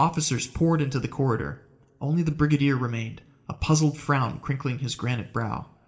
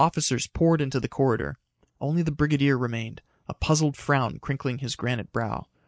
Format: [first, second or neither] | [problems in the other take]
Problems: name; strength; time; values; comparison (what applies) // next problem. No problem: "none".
second | room echo; dies away in 0.5 s